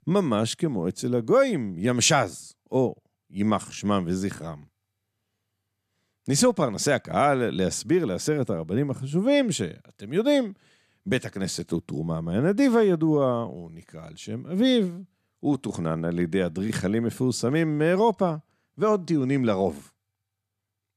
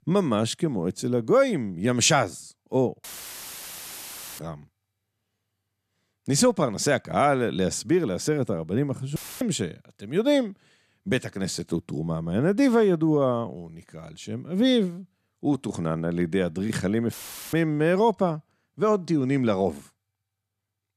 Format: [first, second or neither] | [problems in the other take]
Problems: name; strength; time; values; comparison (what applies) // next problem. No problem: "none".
first | audio cutting out; filled with static; at 3 s for 1.5 s, at 9 s and at 17 s